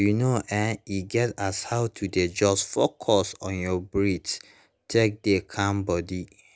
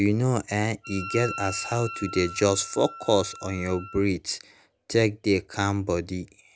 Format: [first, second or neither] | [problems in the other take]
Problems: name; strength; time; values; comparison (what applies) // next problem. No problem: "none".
first | background sound (Wind instrument, woodwind instrument); 13 dB below the speech